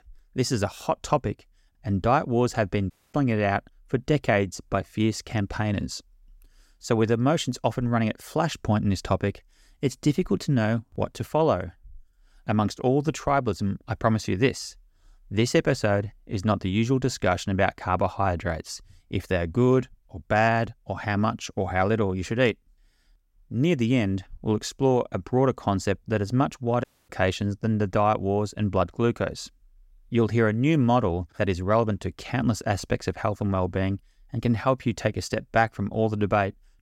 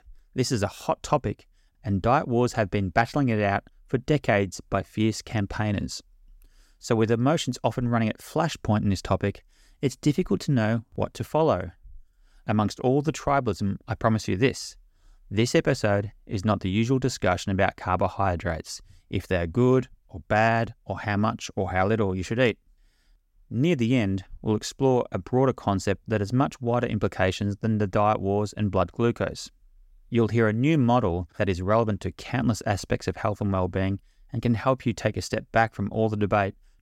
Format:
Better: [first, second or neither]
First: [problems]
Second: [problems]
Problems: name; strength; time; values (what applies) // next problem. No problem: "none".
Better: second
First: audio cutting out; at 3 s and at 27 s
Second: none